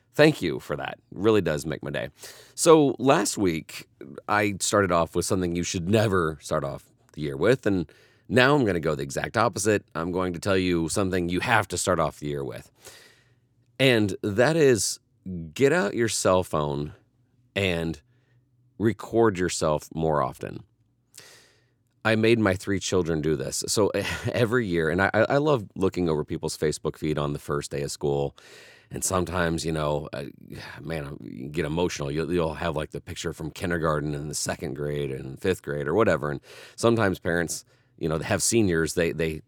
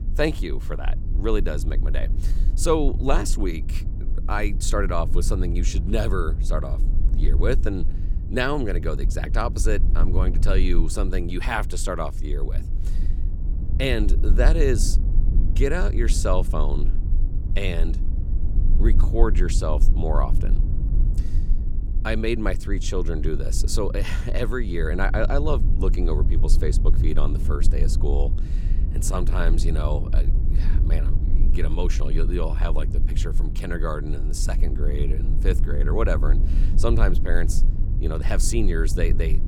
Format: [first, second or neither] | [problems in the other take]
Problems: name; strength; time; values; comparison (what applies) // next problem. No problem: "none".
first | low rumble; noticeable; throughout; 15 dB below the speech